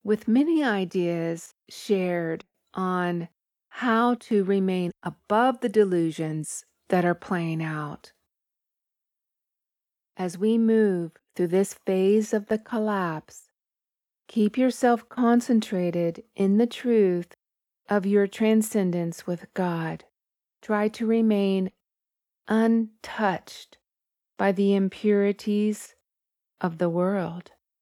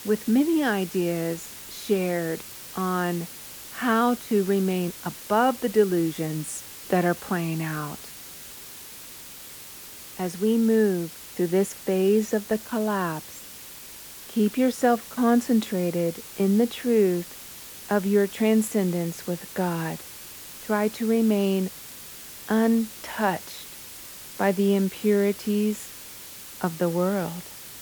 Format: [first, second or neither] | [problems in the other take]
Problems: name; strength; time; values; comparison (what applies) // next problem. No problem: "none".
first | hiss; noticeable; throughout; 15 dB below the speech